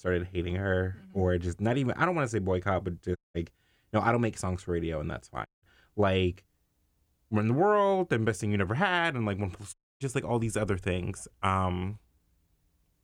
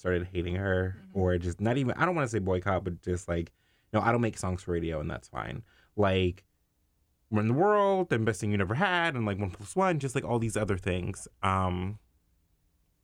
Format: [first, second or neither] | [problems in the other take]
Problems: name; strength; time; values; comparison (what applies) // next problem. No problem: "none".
second | audio cutting out; at 3 s, at 5.5 s and at 9.5 s